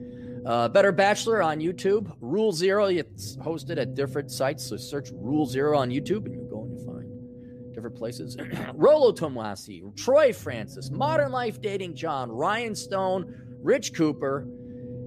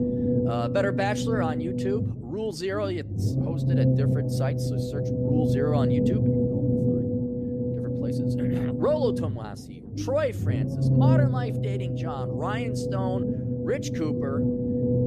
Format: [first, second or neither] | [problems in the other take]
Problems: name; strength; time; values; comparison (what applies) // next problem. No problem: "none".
first | low rumble; loud; throughout; 1 dB below the speech; faint in the first